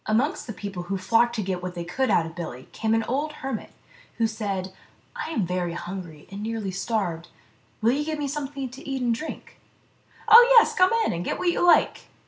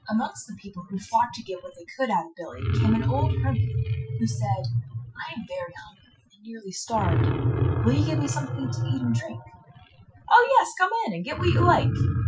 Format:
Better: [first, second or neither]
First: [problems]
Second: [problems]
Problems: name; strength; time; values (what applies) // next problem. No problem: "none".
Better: first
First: none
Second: noise reduction (classical method Wiener filter)